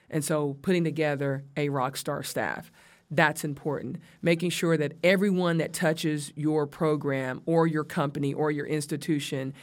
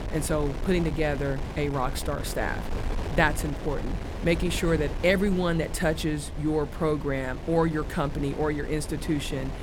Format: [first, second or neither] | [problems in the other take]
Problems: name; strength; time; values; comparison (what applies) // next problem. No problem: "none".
first | wind noise on the microphone; occasional gusts; 10 dB below the speech